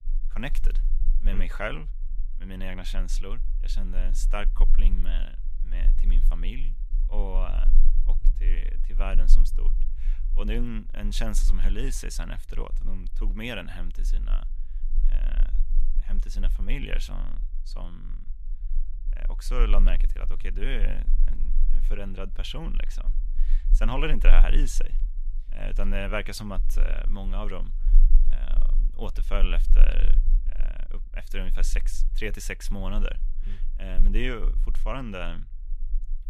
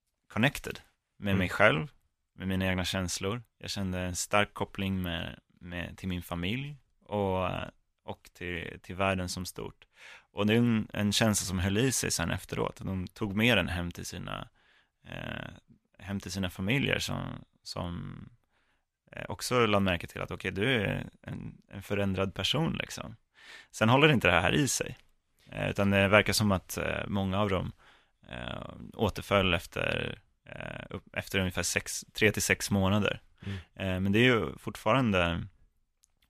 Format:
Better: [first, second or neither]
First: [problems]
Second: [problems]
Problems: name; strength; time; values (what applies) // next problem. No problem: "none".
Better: second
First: low rumble; faint; throughout; 20 dB below the speech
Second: none